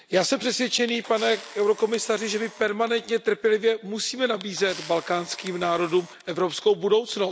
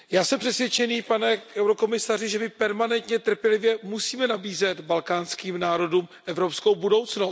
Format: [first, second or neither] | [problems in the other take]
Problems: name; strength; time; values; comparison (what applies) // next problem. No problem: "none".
second | background sound (Camera); 20 dB below the speech